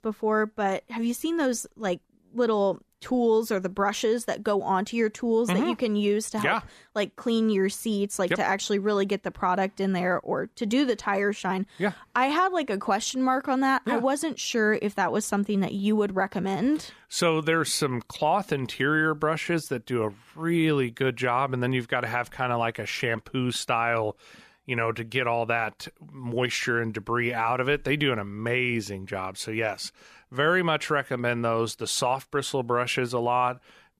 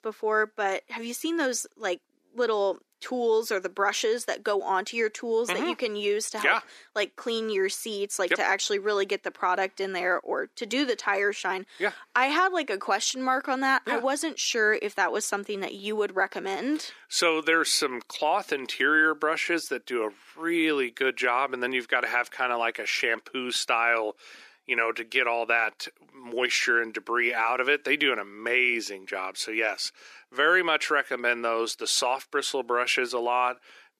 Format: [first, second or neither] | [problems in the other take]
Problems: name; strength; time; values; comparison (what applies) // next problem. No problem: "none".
first | thin; somewhat; fading below 300 Hz